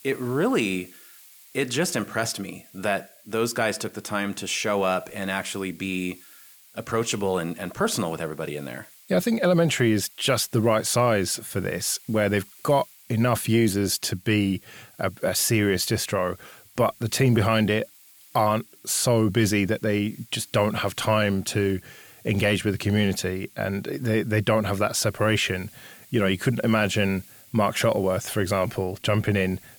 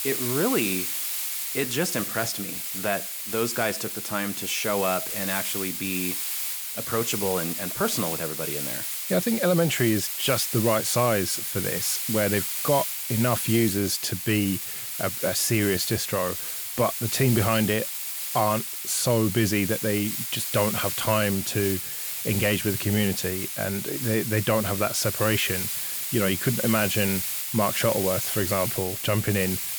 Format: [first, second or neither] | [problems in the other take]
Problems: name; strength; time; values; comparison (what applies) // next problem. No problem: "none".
first | hiss; loud; throughout; 2 dB below the speech; faint in the first